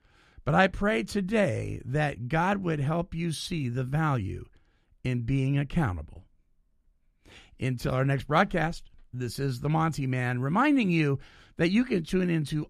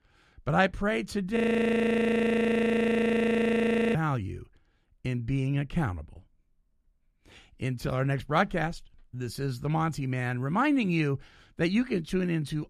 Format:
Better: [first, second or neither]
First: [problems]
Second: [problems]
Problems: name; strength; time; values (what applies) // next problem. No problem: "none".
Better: first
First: none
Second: audio freezing; at 1.5 s for 2.5 s